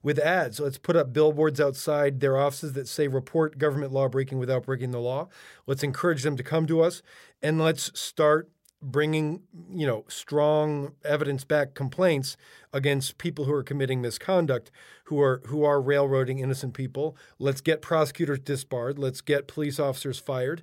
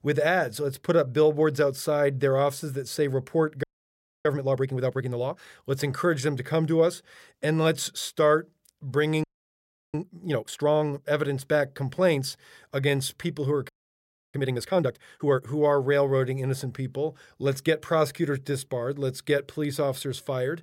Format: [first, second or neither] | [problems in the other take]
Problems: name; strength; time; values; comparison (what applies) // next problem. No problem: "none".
first | audio freezing; at 3.5 s for 0.5 s, at 9 s for 0.5 s and at 14 s for 0.5 s